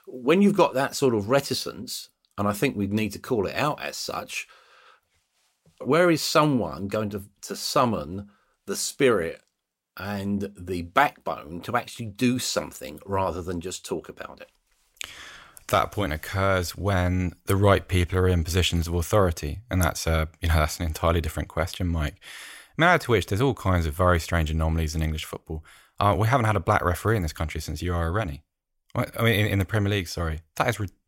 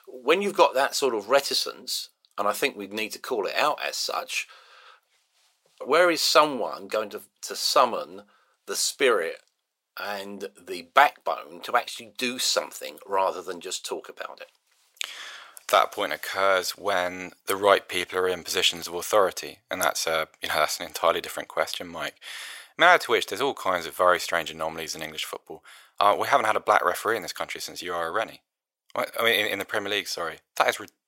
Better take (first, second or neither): first